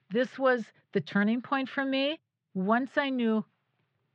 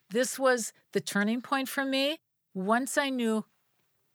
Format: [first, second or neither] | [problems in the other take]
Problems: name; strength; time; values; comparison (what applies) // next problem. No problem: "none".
second | muffled; slightly; fading above 3.5 kHz